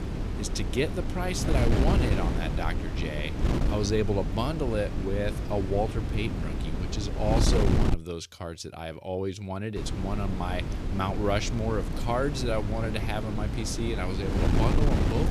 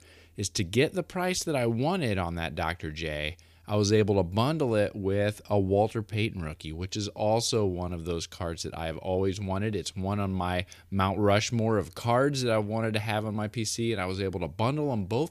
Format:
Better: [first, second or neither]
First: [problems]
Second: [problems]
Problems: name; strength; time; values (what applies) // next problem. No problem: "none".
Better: second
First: wind noise on the microphone; heavy; until 8 s and from 10 s on; 4 dB below the speech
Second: none